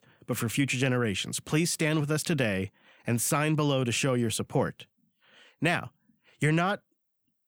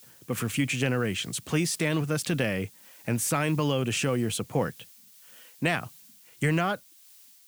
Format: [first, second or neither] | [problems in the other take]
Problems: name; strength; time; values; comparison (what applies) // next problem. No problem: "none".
first | hiss; faint; throughout; 20 dB below the speech